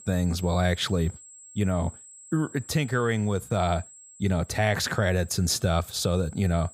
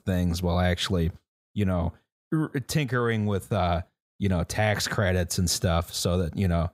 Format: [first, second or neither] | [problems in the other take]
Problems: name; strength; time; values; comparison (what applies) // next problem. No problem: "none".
second | high-pitched whine; noticeable; throughout; 7.5 kHz, 20 dB below the speech